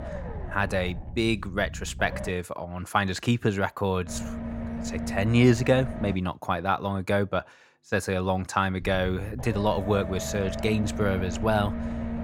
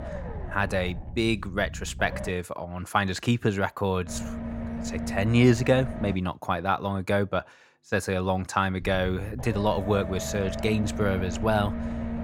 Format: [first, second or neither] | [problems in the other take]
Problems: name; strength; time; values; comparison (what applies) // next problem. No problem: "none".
neither | low rumble; noticeable; until 2.5 s, from 4 to 6 s and from 9 s on; 10 dB below the speech; the same in both